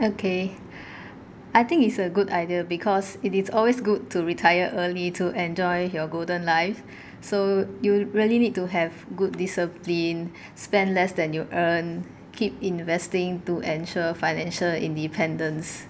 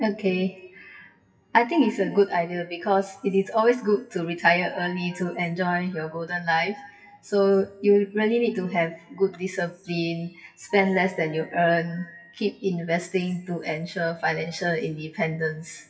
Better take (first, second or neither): first